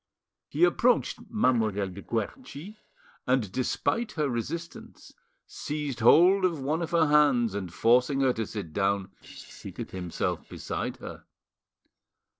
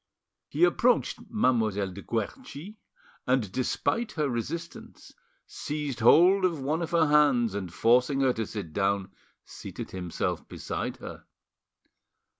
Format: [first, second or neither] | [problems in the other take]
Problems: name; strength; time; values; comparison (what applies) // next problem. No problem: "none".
second | noise reduction (neural separator model SepFormer DNS4)